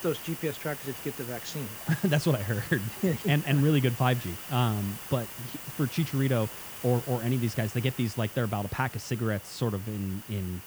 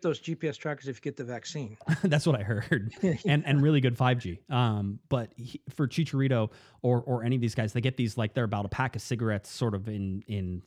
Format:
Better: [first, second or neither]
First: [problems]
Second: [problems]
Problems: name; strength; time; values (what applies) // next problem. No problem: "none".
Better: second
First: hiss; loud; throughout; 10 dB below the speech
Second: none